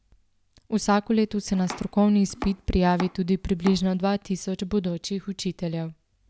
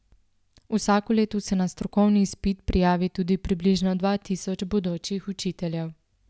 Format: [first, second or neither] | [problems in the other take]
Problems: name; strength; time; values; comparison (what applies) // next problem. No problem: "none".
second | background sound (Domestic sounds, home sounds); 15 dB below the speech